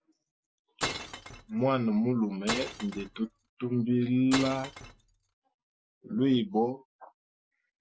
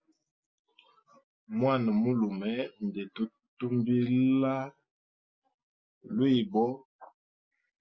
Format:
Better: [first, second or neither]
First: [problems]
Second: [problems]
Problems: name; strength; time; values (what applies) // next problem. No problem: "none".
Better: second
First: background sound (Glass); 7 dB below the speech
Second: none